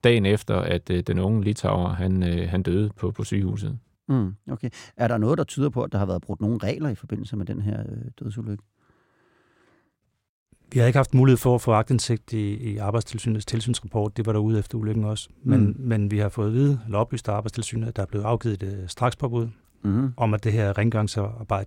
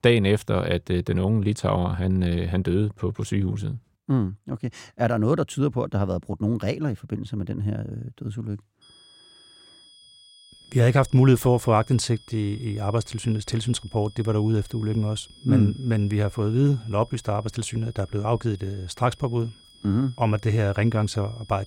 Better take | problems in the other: first | high-pitched whine; faint; from 9 s on; 3.5 kHz, 25 dB below the speech

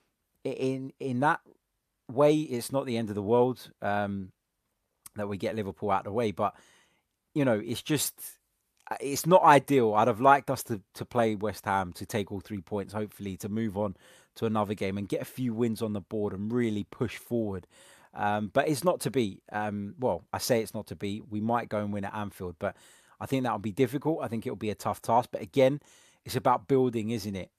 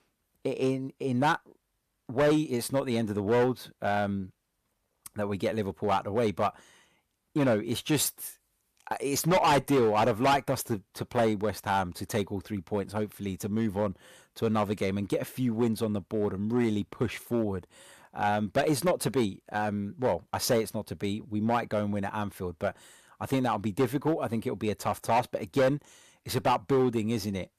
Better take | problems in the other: first | distortion; heavy; 5% of the sound clipped

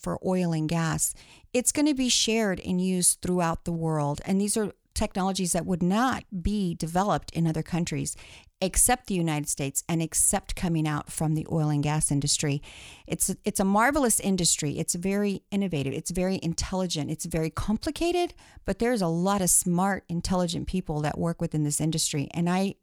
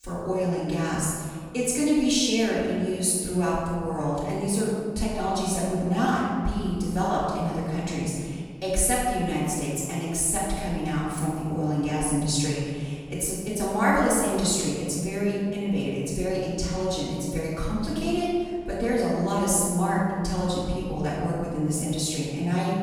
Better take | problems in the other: first | off-mic speech; far // room echo; strong; dies away in 1.7 s

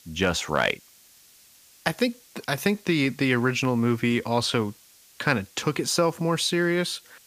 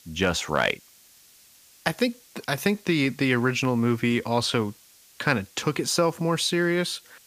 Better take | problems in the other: neither | hiss; faint; throughout; 25 dB below the speech; the same in both

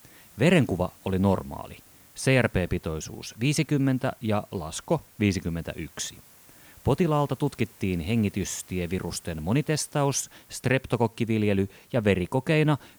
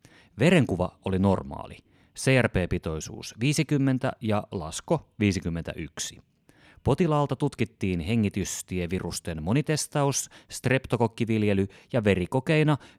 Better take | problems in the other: second | hiss; faint; throughout; 25 dB below the speech

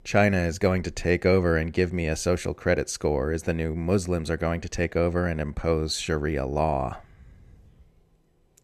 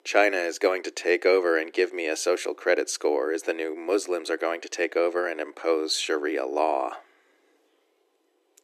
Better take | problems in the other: first | thin; very; fading below 300 Hz

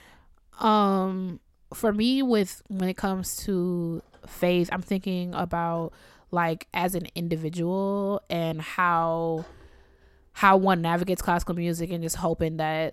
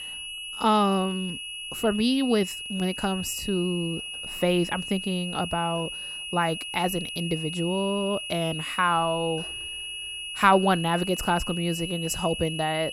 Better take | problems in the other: first | high-pitched whine; loud; throughout; 3 kHz, 6 dB below the speech

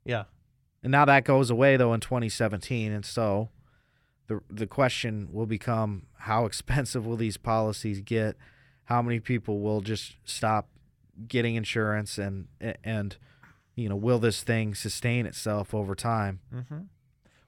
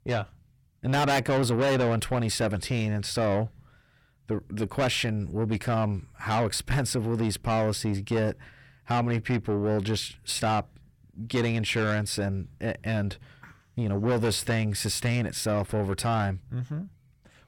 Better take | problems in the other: first | distortion; heavy; 6 dB below the speech

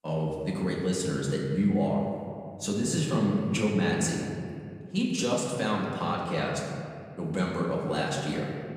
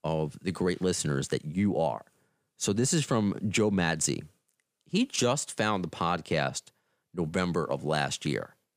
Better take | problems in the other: second | room echo; noticeable; dies away in 2.1 s // off-mic speech; far

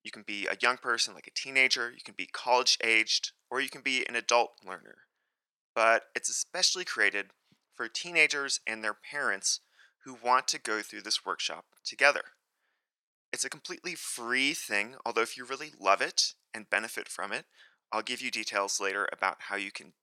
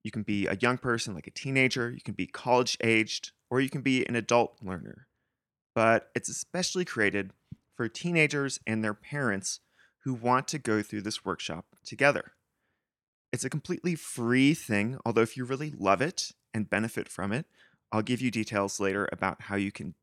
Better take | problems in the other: second | thin; very; fading below 650 Hz

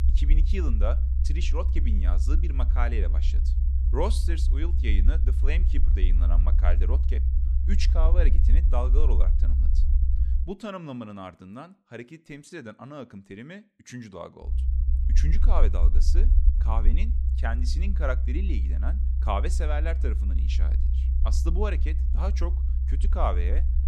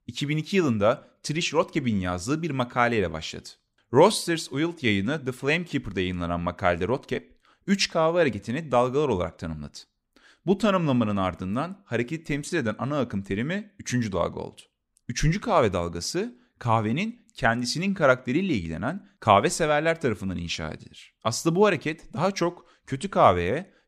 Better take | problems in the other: second | low rumble; loud; until 10 s and from 14 s on; 9 dB below the speech

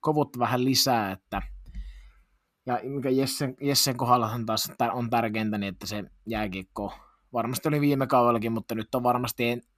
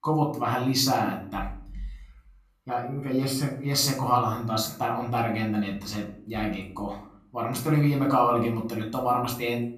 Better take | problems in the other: first | room echo; slight; dies away in 0.4 s // off-mic speech; far

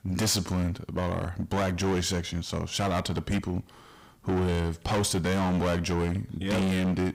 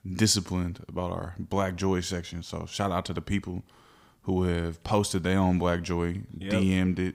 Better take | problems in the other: second | distortion; heavy; 21% of the sound clipped

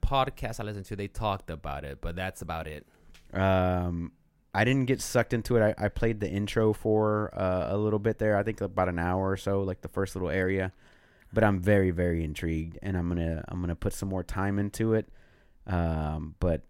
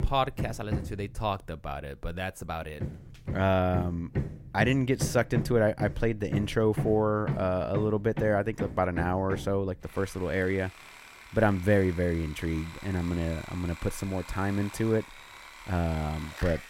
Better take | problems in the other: first | machinery noise; loud; throughout; 10 dB below the speech

